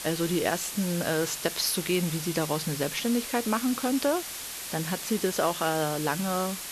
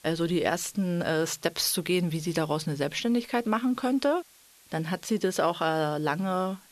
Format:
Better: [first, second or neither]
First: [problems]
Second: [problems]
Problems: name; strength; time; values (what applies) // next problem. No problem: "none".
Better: second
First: hiss; loud; throughout; 6 dB below the speech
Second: hiss; faint; throughout; 25 dB below the speech